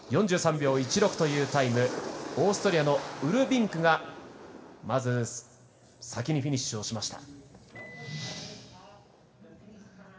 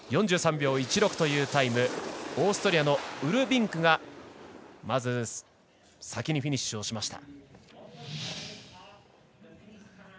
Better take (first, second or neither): second